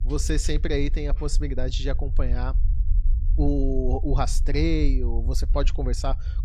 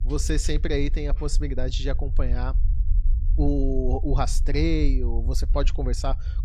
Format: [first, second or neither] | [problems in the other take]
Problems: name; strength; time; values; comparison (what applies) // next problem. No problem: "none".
neither | low rumble; noticeable; throughout; 15 dB below the speech; the same in both